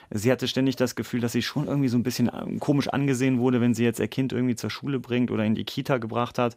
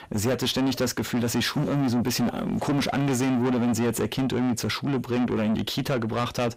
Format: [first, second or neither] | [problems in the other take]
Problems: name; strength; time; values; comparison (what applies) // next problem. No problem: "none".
first | distortion; heavy; 6 dB below the speech